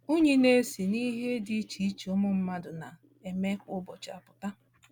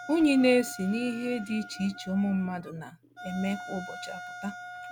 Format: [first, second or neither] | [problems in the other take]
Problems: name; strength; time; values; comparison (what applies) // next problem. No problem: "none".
first | background sound (Wind instrument, woodwind instrument); 14 dB below the speech